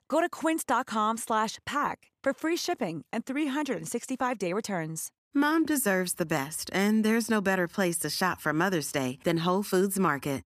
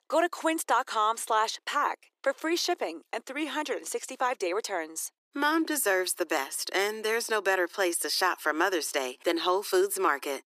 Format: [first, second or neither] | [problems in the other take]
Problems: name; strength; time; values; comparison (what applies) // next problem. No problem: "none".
first | thin; very; fading below 350 Hz